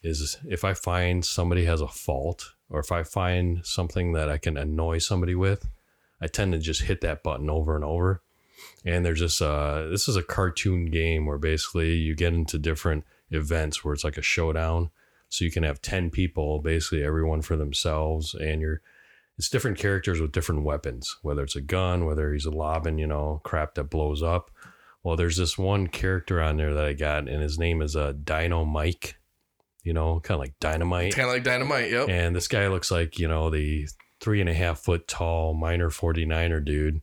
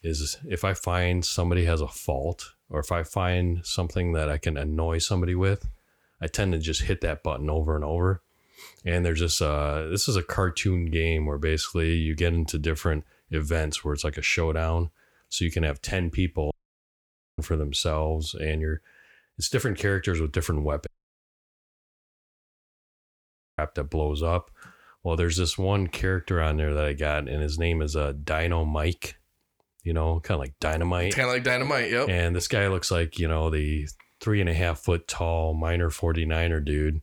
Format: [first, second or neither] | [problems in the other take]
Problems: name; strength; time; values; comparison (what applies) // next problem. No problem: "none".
first | audio cutting out; at 17 s for 1 s and at 21 s for 2.5 s